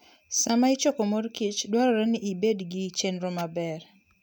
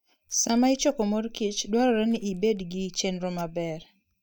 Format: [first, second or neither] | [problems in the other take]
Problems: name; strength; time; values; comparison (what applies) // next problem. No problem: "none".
first | noise reduction (neural mask model DeepFilterNet 3)